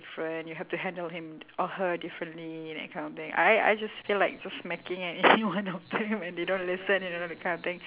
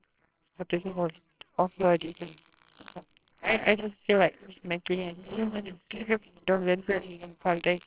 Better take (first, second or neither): first